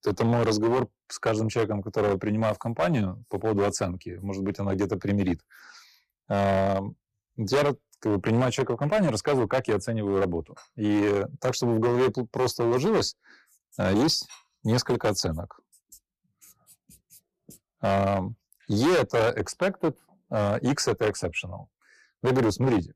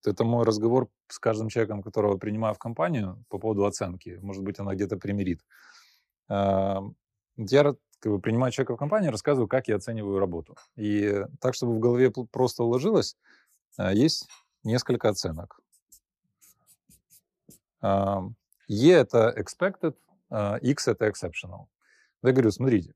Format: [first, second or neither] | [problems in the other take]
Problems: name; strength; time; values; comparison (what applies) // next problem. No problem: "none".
second | distortion; heavy; 10% of the sound clipped